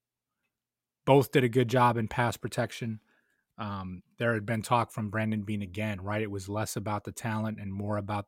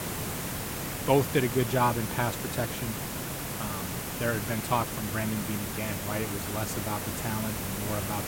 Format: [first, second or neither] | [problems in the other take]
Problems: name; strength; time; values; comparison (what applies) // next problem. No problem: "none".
first | hiss; loud; throughout; 2 dB below the speech